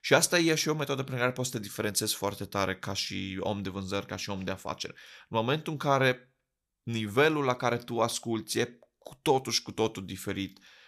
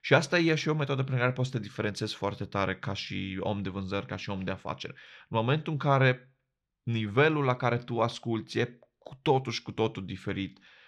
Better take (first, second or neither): first